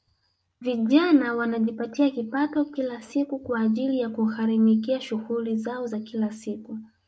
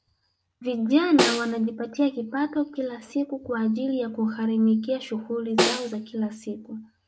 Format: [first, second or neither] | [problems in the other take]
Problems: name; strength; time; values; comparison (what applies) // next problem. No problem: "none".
first | background sound (Snare drum); 2 dB below the speech